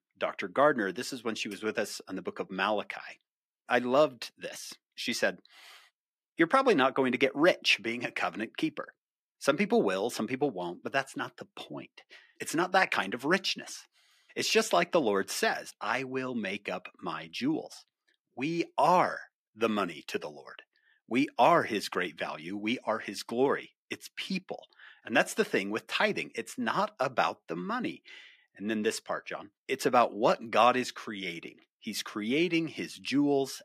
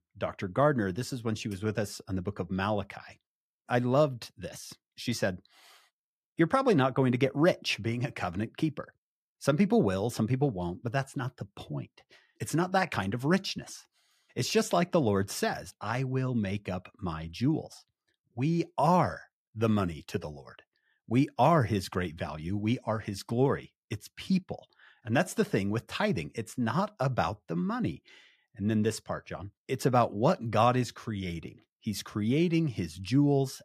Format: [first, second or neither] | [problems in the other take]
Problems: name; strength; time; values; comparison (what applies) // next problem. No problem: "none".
second | thin; very slightly; fading below 250 Hz